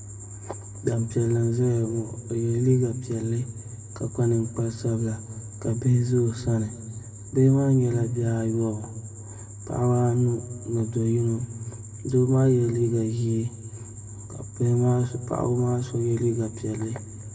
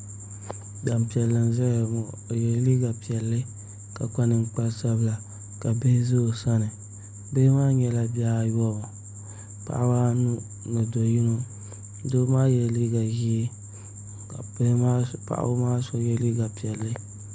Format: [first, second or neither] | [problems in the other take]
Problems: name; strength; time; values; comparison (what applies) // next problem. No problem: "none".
second | room echo; dies away in 2 s